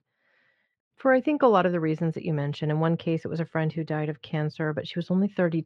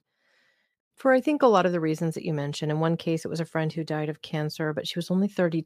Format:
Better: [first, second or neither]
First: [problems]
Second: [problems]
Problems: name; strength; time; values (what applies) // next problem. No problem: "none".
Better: second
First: muffled; slightly; fading above 2.5 kHz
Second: none